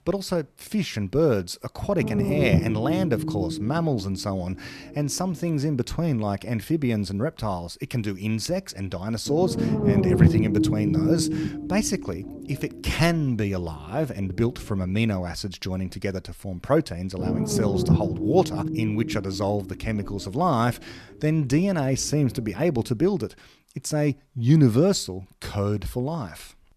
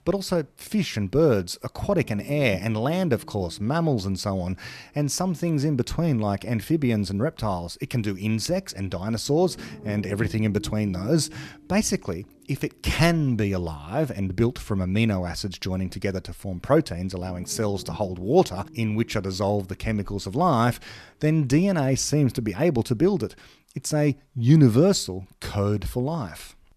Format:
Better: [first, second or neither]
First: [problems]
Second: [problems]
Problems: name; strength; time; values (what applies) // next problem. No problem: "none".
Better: second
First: low rumble; loud; from 2 to 6.5 s, from 9.5 to 15 s and from 17 to 23 s; 3 dB below the speech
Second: low rumble; faint; from 2 to 6.5 s, from 9.5 to 15 s and from 17 to 23 s; 20 dB below the speech